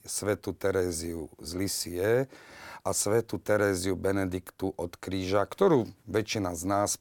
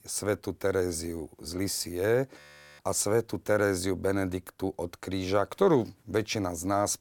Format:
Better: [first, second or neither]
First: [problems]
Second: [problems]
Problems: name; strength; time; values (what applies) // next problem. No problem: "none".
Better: first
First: none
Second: audio freezing; at 2.5 s